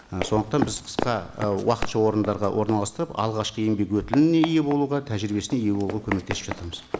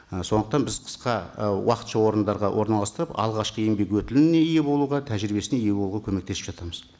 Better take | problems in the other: second | background sound (Run); 10 dB below the speech

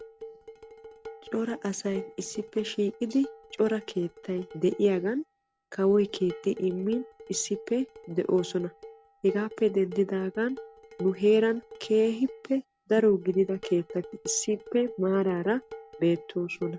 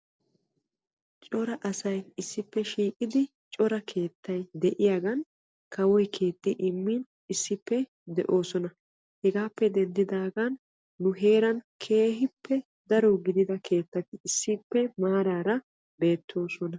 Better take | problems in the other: second | background sound (Dishes, pots, and pans); 17 dB below the speech

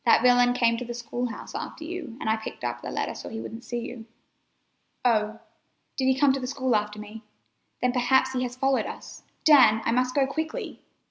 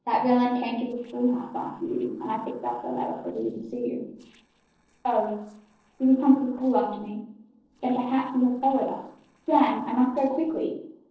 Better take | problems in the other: first | noise reduction (neural separator model SepFormer DNS4)

